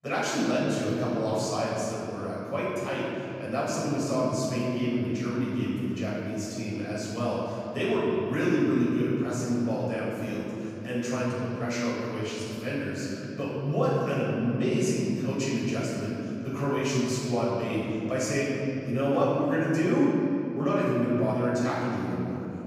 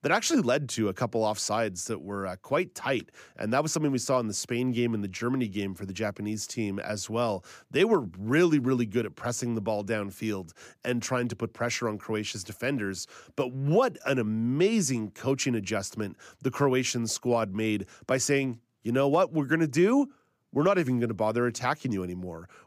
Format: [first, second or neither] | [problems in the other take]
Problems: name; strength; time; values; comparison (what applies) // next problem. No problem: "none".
second | off-mic speech; far // room echo; strong; dies away in 3 s